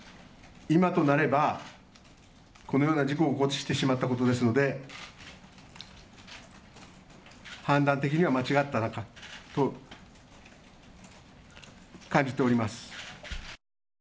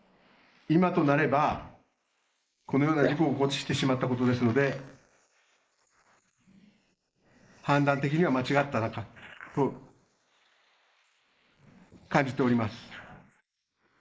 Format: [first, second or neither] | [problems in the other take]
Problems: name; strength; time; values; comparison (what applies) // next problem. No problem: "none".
first | noise reduction (neural mask model Resemble Enhance denoiser)